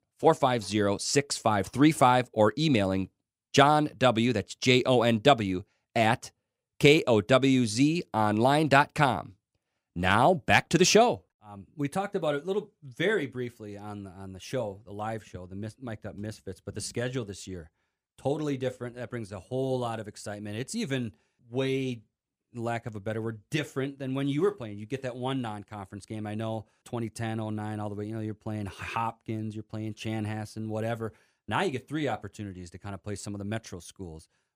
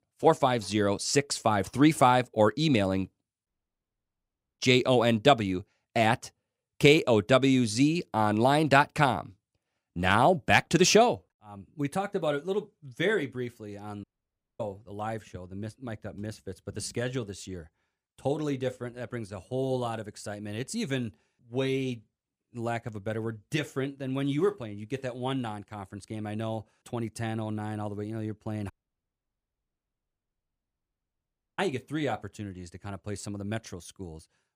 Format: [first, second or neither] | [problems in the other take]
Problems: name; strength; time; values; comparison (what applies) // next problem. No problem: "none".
first | audio cutting out; at 3.5 s for 1 s, at 14 s for 0.5 s and at 29 s for 3 s